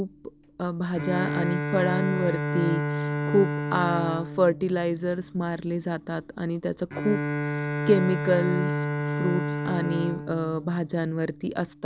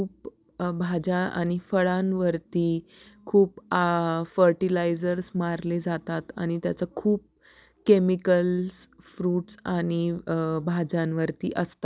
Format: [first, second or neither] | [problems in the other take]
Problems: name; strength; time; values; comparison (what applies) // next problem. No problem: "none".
second | background sound (Bowed string instrument); 3 dB below the speech